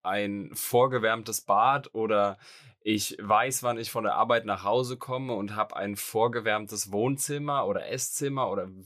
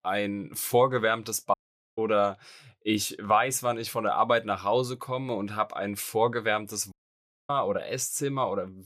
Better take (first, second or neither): first